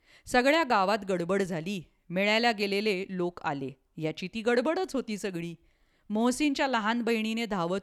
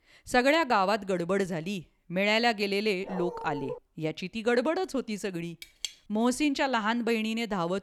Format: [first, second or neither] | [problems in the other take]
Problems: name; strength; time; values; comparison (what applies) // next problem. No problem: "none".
first | dog barking; noticeable; at 3 s; peak 9 dB below the speech // clattering dishes; noticeable; at 5.5 s; peak 10 dB below the speech